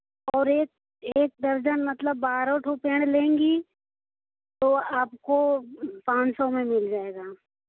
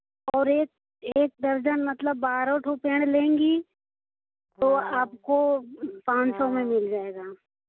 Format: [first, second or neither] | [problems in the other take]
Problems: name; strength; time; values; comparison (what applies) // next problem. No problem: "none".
first | background sound (Brass instrument); 15 dB below the speech